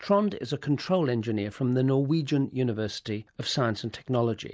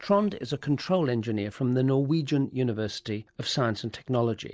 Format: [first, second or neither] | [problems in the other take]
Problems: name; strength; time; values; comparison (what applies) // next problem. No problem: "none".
first | noise reduction (neural separator model SepFormer DNS4)